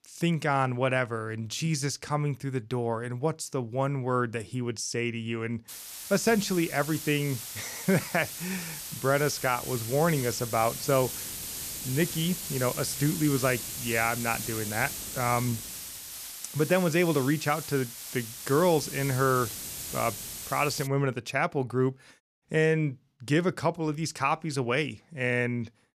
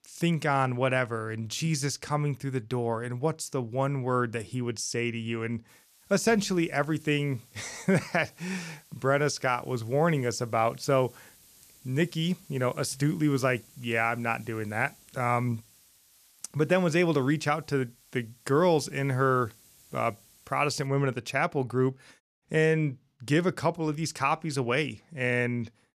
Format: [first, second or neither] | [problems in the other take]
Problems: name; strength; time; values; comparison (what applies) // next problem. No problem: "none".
second | hiss; loud; from 5.5 to 21 s; 7 dB below the speech; faint in the second